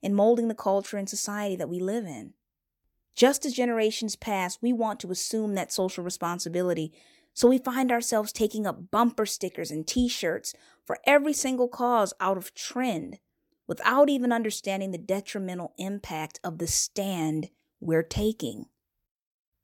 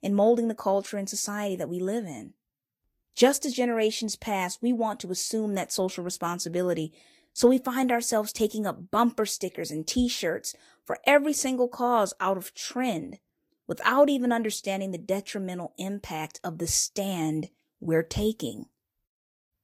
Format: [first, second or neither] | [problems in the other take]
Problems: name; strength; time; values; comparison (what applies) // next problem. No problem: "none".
first | garbled, watery; slightly; nothing above 14.5 kHz